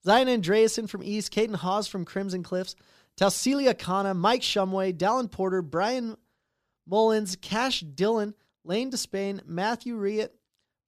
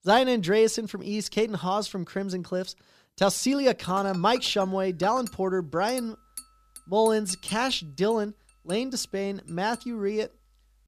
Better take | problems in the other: first | clattering dishes; noticeable; from 4 to 10 s; peak 8 dB below the speech

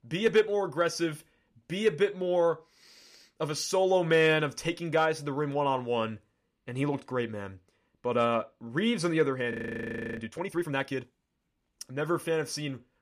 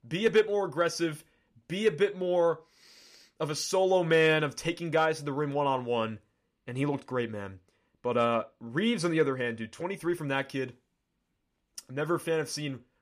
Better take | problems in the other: second | audio freezing; at 9.5 s for 0.5 s

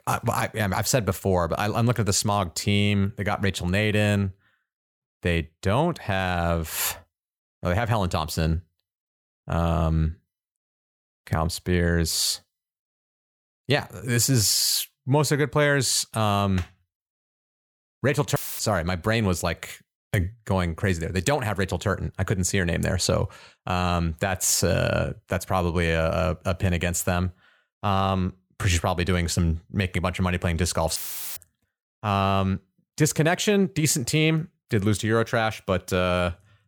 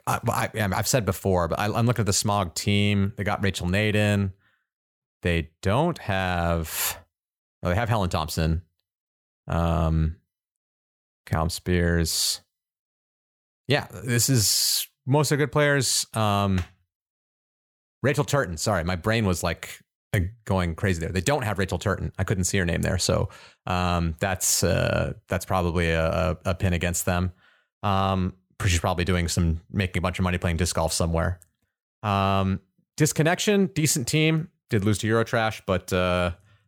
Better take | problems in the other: second | audio cutting out; filled with static; at 18 s and at 31 s

